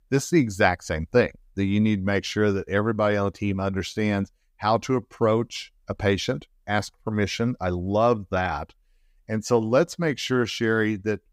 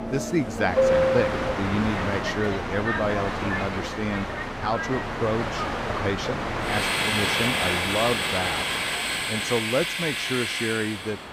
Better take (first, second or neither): first